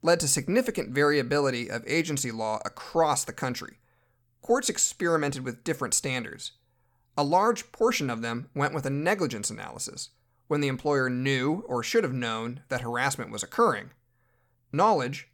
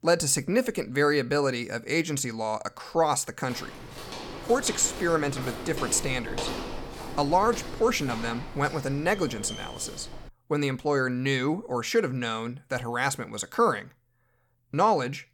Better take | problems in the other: first | footsteps; noticeable; from 3.5 to 10 s; peak 5 dB below the speech

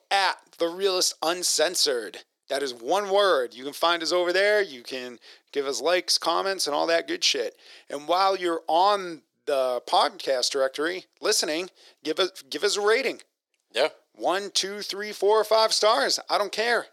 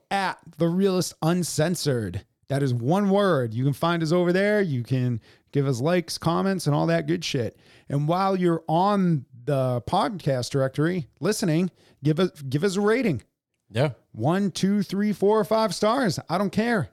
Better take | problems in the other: second | thin; very; fading below 400 Hz

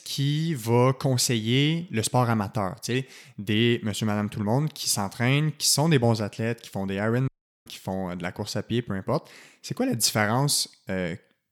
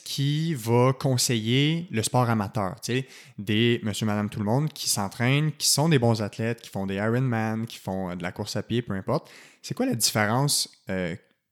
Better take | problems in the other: second | audio cutting out; at 7.5 s

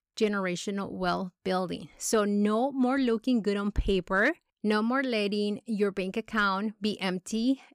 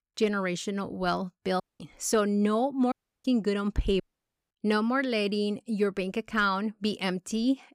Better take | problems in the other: first | audio cutting out; at 1.5 s, at 3 s and at 4 s for 0.5 s

